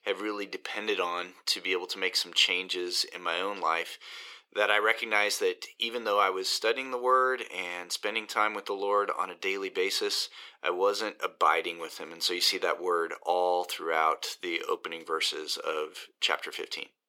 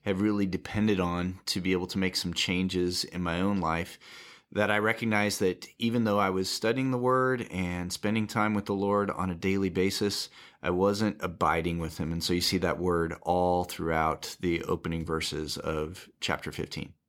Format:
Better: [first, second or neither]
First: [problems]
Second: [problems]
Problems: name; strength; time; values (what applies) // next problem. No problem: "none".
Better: second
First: thin; very; fading below 400 Hz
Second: none